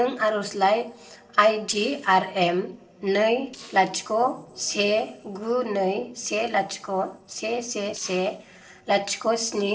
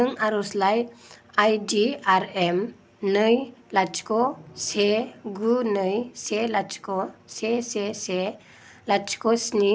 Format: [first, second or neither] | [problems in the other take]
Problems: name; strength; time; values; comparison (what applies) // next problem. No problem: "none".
second | noise reduction (neural separator model SepFormer DNS4)